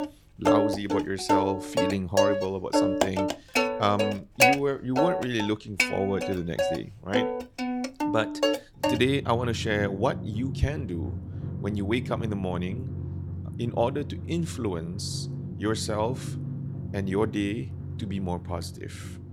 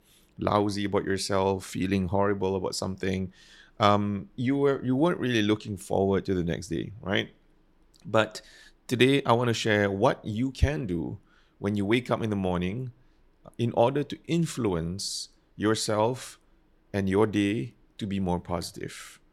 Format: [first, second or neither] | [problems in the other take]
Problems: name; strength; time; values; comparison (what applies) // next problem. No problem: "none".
second | background music; very loud; throughout; as loud as the speech